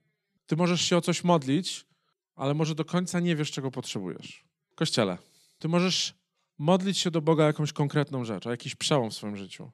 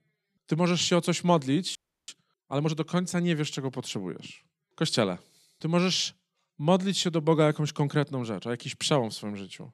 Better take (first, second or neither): first